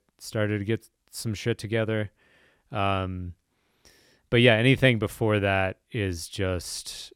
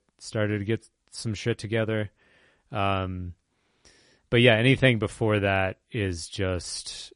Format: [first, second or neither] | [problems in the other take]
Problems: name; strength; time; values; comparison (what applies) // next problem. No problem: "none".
first | garbled, watery; slightly; nothing above 10.5 kHz